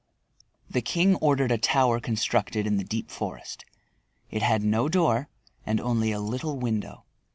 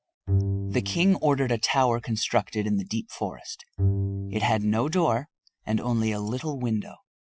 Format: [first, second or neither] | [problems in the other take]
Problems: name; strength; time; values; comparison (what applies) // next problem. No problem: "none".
first | noise reduction (classical method Wiener filter)